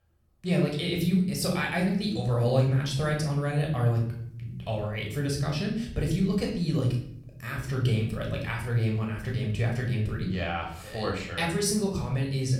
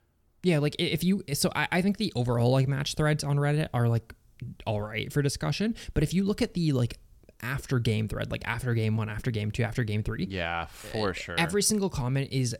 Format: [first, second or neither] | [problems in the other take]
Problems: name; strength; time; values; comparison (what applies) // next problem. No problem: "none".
second | room echo; noticeable; dies away in 0.6 s // off-mic speech; somewhat distant